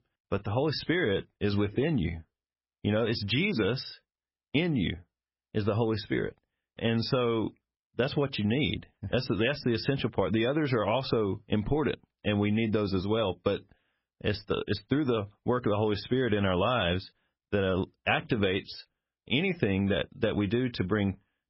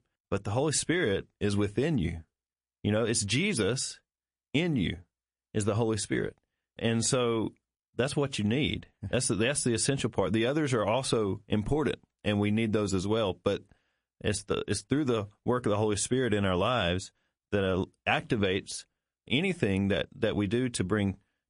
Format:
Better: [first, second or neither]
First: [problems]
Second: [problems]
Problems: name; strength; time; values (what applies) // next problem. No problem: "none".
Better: second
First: garbled, watery; badly; nothing above 5.5 kHz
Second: garbled, watery; slightly; nothing above 10.5 kHz